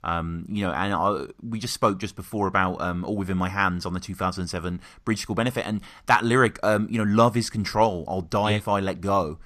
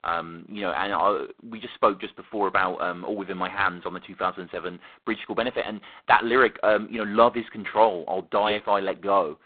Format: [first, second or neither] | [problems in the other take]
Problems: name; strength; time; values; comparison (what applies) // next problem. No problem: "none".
first | phone-call audio; poor line; nothing above 4 kHz